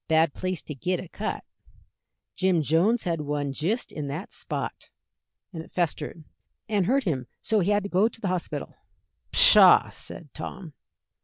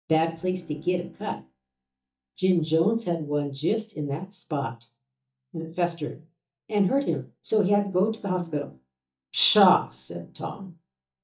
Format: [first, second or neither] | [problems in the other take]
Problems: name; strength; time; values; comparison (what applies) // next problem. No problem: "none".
first | noise reduction (neural mask model DeepFilterNet 3)